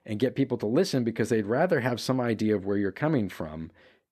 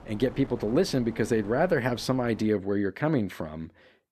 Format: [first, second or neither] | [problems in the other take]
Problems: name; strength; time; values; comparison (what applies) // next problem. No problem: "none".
first | wind noise on the microphone; occasional gusts; until 2.5 s; 20 dB below the speech